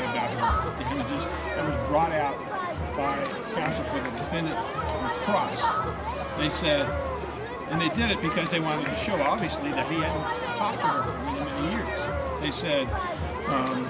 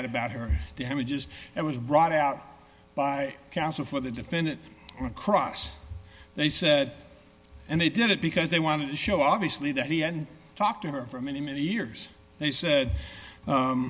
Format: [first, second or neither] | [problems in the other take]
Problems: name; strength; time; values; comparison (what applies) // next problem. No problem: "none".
second | background sound (Crowd); 1 dB above the speech